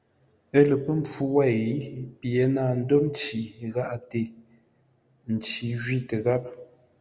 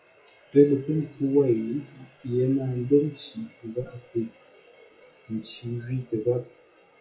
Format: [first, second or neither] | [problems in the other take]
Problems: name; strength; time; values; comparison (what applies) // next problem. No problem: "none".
first | noise reduction (classical method WPE with log-MMSE)